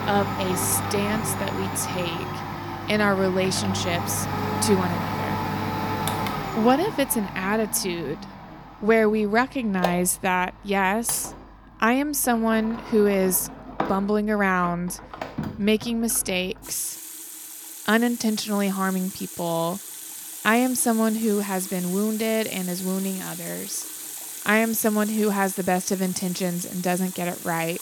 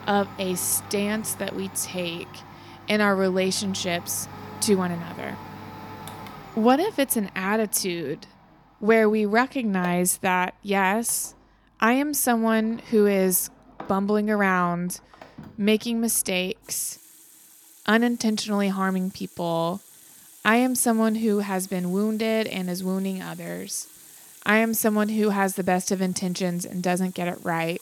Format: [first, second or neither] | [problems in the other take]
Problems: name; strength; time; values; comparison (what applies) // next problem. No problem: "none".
second | household noises; loud; throughout; 8 dB below the speech; faint in the second